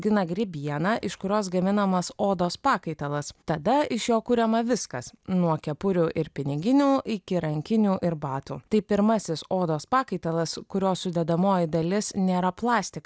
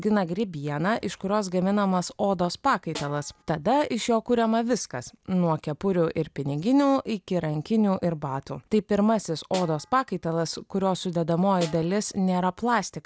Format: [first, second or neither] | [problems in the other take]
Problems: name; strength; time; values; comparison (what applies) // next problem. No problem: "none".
first | background sound (Snare drum); 19 dB below the speech